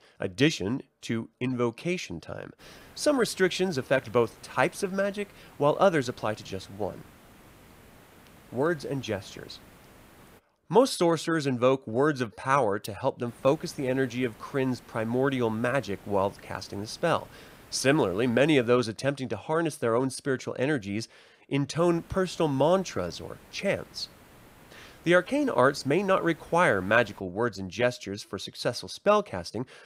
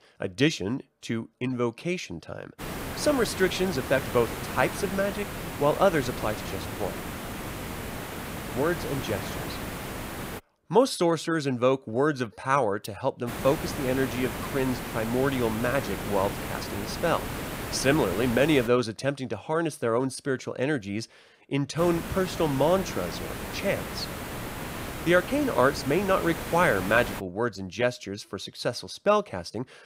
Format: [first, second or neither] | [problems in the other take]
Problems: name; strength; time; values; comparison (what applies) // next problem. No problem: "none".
first | hiss; loud; from 2.5 to 10 s, from 13 to 19 s and from 22 to 27 s; 8 dB below the speech; faint in the first